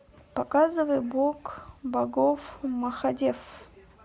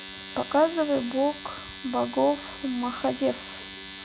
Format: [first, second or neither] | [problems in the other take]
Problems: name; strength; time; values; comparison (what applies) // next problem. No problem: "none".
first | background sound (Domestic sounds, home sounds); 13 dB below the speech